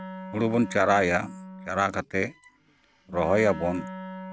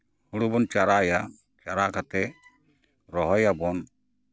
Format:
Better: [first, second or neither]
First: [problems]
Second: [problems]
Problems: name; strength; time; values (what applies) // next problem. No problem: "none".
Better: second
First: background sound (Wind instrument, woodwind instrument); 13 dB below the speech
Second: none